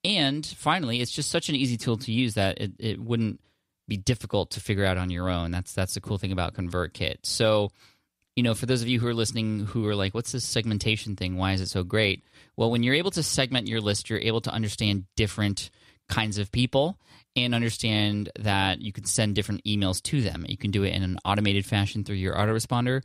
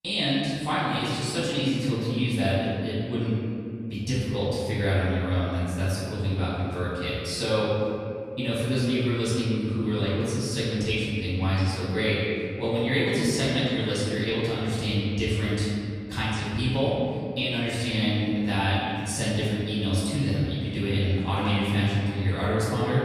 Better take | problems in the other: first | room echo; strong; dies away in 2.4 s // off-mic speech; far

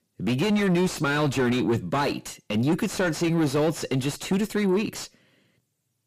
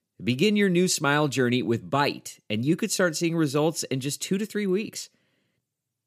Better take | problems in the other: second | distortion; heavy; 7 dB below the speech

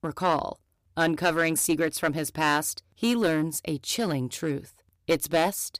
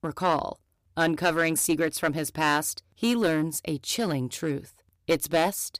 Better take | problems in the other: neither | distortion; slight; 4% of the sound clipped; the same in both

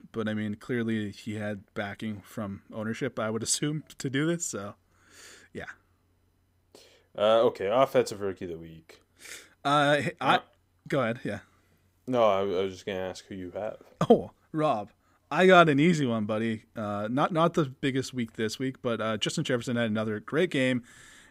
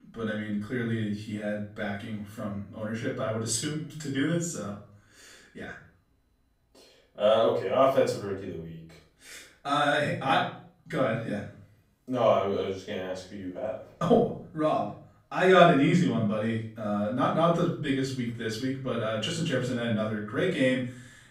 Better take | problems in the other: first | off-mic speech; far // room echo; noticeable; dies away in 0.5 s

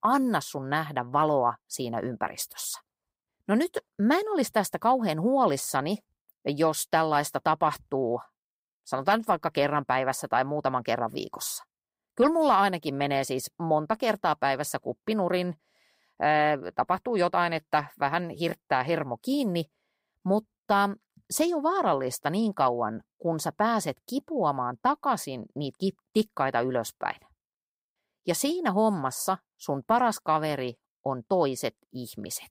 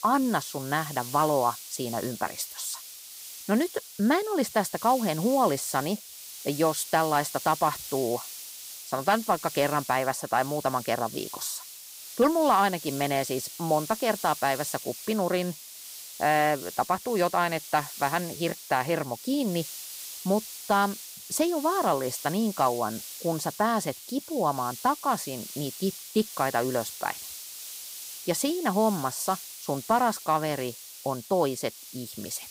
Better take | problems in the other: first | hiss; noticeable; throughout; 10 dB below the speech

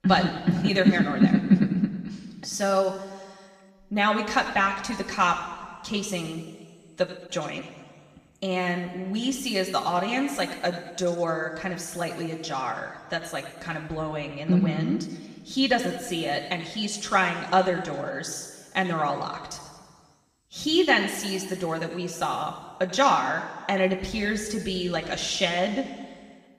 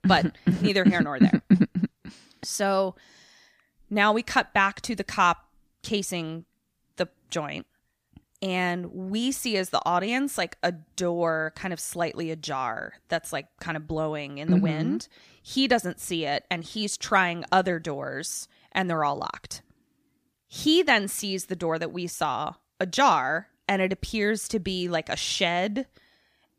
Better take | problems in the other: second | room echo; noticeable; dies away in 1.6 s // off-mic speech; far

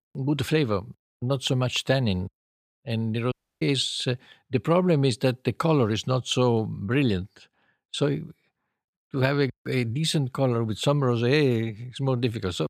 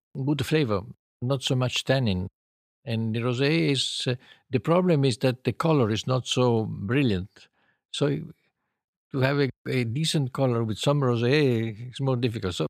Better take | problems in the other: second | audio cutting out; at 3.5 s

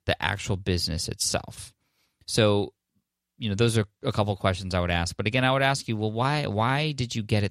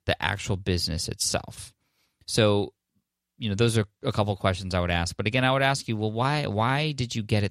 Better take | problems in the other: neither | none

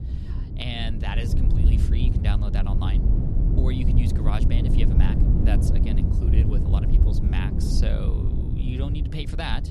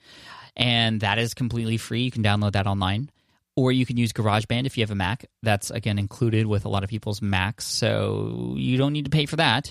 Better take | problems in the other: second | low rumble; loud; throughout; 1 dB below the speech

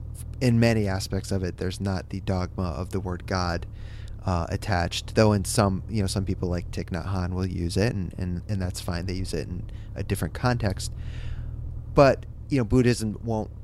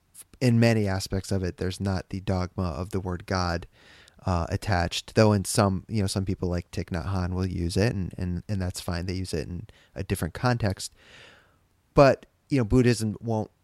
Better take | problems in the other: second | low rumble; faint; throughout; 25 dB below the speech

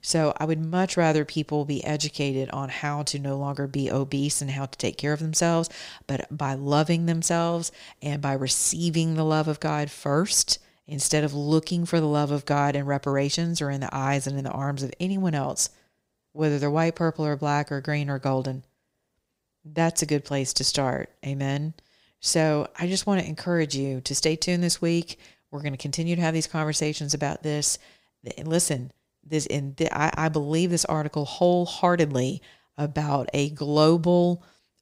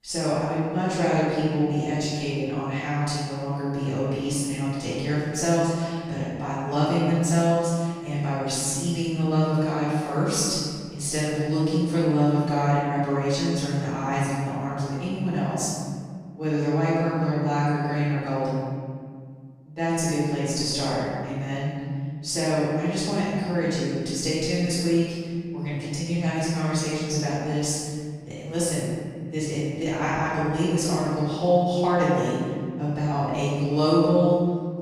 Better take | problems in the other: first | off-mic speech; far // room echo; strong; dies away in 1.9 s

